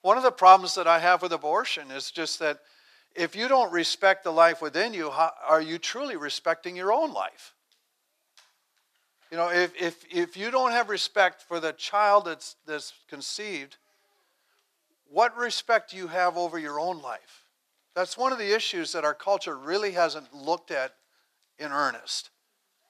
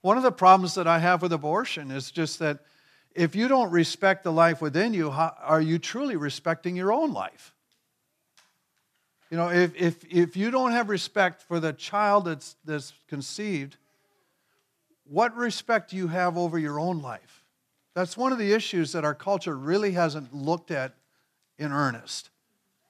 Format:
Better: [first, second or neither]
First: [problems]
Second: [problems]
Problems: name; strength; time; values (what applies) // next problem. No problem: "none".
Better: second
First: thin; very; fading below 550 Hz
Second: none